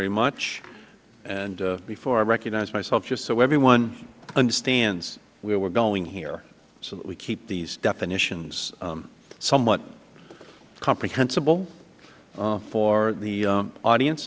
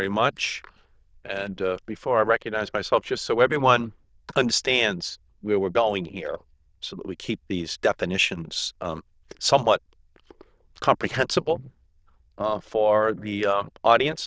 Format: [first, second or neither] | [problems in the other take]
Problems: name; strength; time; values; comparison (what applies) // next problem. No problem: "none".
first | noise reduction (neural diffusion model UNIVERSE++)